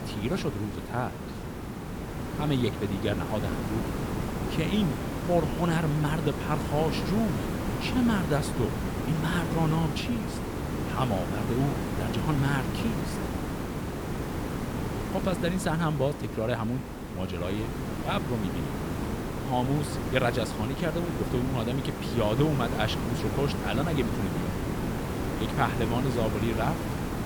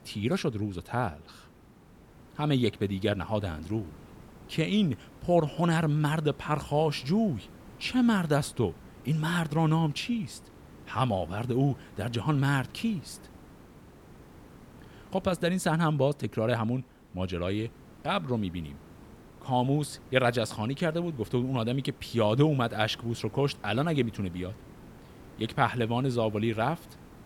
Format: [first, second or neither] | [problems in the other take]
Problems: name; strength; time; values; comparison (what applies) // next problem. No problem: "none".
second | hiss; loud; throughout; 2 dB below the speech; faint in the second